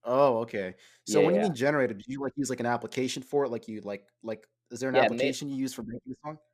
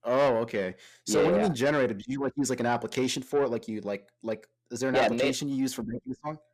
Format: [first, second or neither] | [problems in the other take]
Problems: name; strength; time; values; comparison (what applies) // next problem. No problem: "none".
first | distortion; slight; 10 dB below the speech